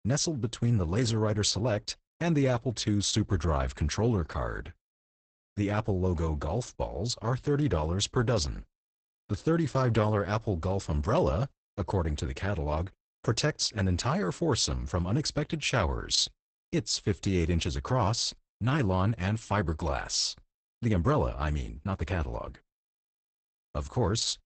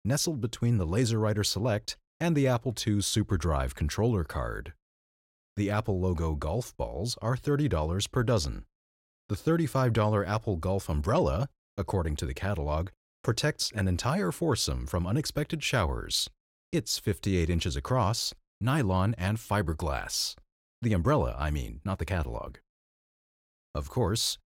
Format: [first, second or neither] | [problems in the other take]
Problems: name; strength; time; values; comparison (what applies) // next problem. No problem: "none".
second | garbled, watery; badly; nothing above 8 kHz